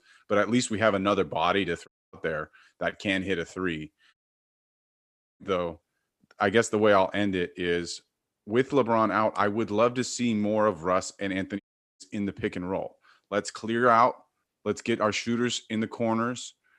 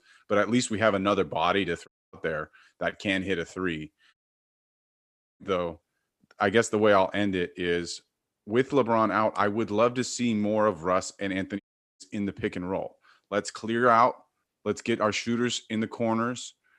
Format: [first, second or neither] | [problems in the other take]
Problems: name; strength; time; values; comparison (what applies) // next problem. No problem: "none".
neither | audio cutting out; at 2 s, at 4 s for 1.5 s and at 12 s; the same in both